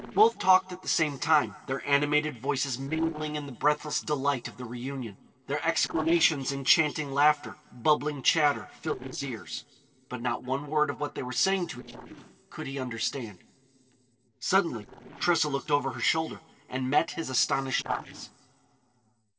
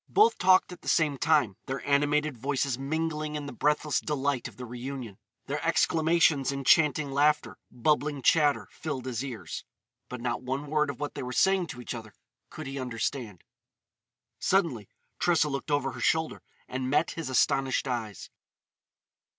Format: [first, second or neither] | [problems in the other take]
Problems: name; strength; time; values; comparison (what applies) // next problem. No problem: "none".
second | noise reduction (neural separator model SepFormer DNS4)